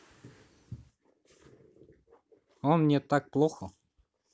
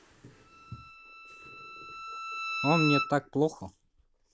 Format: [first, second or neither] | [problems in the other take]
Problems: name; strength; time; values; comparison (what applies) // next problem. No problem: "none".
first | background sound (Bowed string instrument); 5 dB below the speech